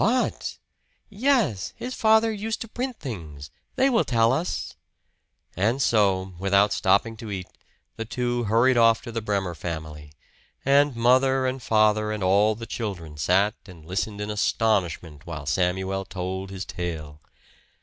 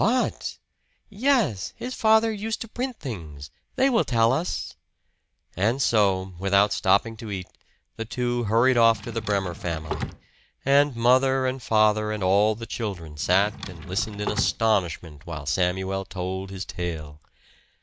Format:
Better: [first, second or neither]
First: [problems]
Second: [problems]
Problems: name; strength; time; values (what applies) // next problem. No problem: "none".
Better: first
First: none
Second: background sound (Drawer open or close); 11 dB below the speech